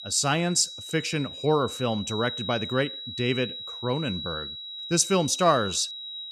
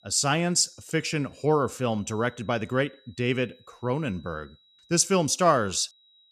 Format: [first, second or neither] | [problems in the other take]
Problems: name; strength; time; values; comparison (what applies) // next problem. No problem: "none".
second | high-pitched whine; loud; throughout; 4 kHz, 8 dB below the speech; faint in the second